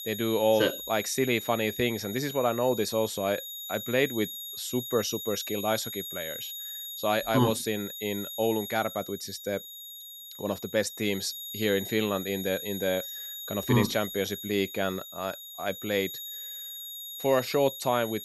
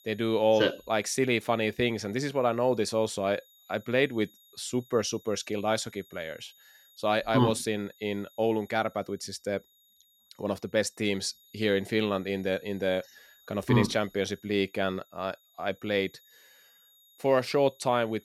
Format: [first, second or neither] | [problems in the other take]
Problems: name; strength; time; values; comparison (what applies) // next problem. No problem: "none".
second | high-pitched whine; loud; throughout; 3.5 kHz, 8 dB below the speech; faint in the second